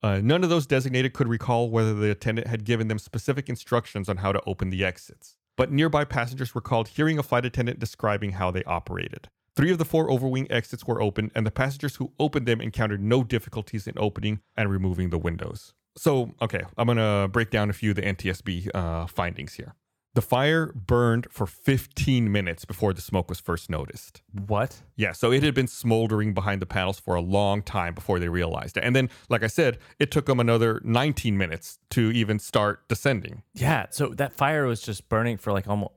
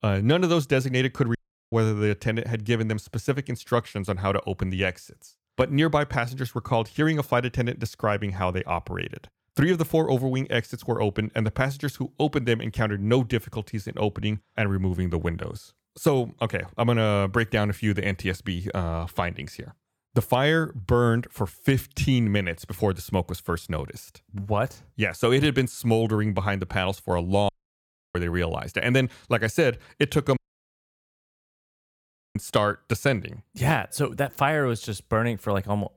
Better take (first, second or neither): first